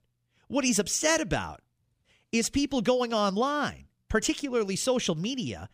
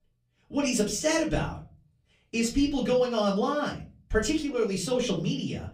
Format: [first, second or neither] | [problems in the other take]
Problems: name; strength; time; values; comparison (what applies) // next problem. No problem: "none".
first | room echo; slight; dies away in 0.4 s // off-mic speech; far